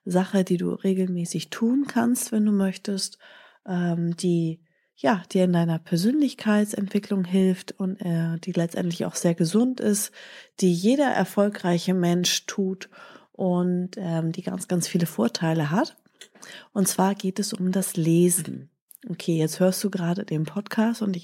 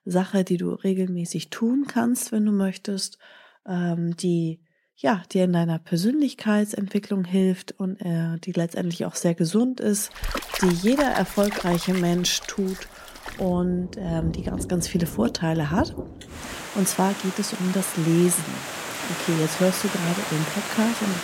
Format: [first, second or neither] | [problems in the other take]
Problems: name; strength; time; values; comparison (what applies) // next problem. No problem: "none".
first | rain or running water; loud; from 10 s on; 8 dB below the speech